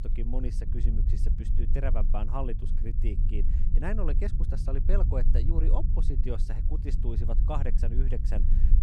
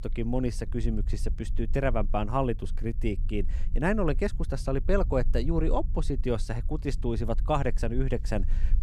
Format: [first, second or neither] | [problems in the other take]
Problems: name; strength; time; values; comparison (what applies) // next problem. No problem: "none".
second | low rumble; loud; throughout; 8 dB below the speech; faint in the second